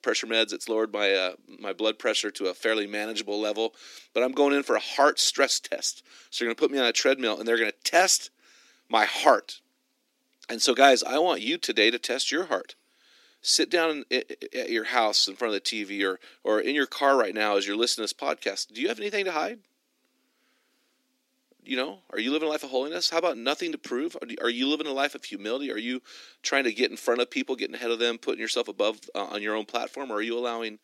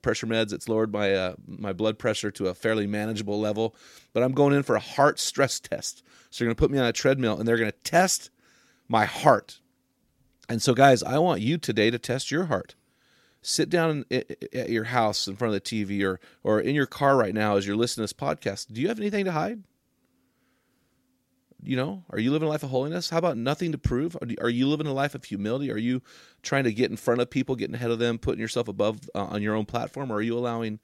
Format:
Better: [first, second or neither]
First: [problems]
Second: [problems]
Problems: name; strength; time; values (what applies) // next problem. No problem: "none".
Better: second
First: thin; very slightly; fading below 250 Hz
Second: none